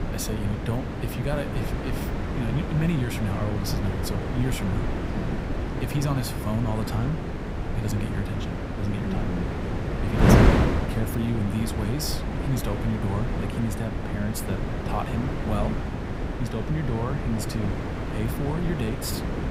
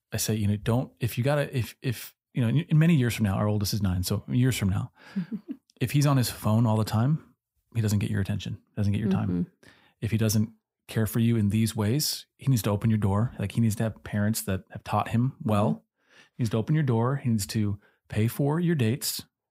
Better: second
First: wind noise on the microphone; heavy; 2 dB above the speech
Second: none

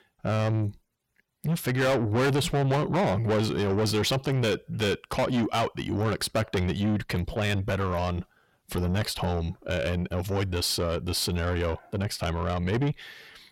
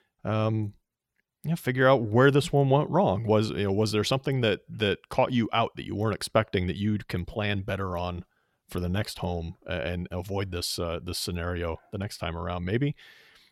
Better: second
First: distortion; heavy; 6 dB below the speech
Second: none

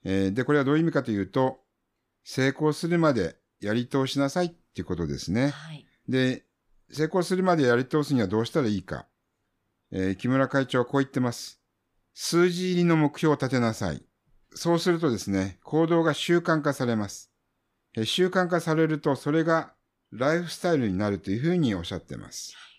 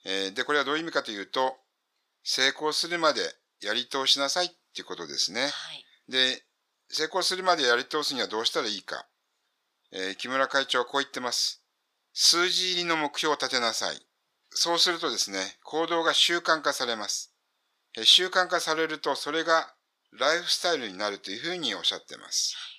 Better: first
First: none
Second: thin; very; fading below 650 Hz

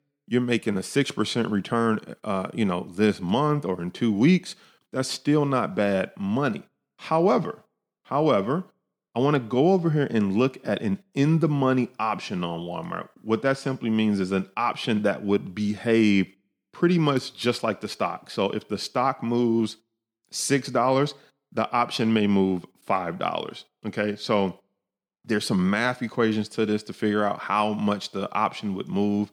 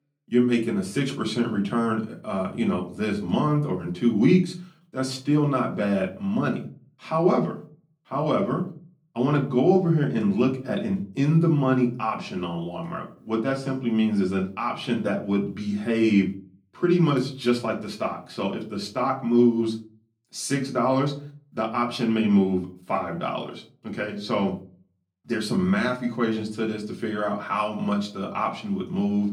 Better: first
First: none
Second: off-mic speech; far // room echo; very slight; dies away in 0.3 s

